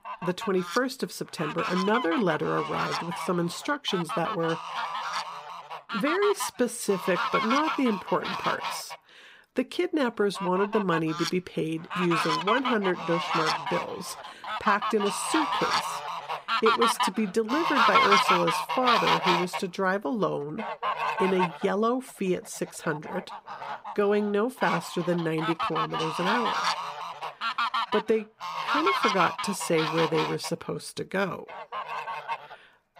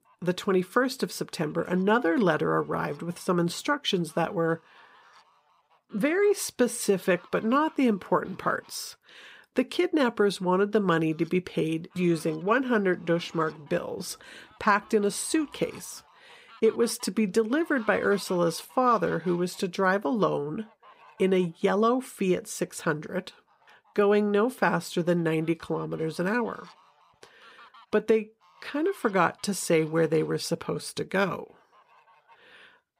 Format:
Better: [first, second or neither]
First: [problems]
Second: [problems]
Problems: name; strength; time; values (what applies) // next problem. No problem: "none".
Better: second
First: animal sounds; loud; throughout; 1 dB below the speech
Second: animal sounds; faint; throughout; 25 dB below the speech